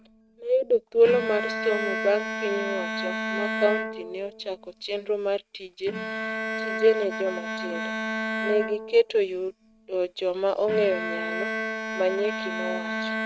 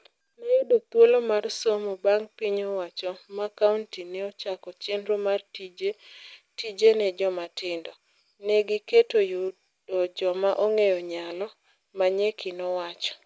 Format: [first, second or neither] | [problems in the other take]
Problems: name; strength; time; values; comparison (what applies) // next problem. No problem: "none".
second | noise reduction (neural mask model RNNoise)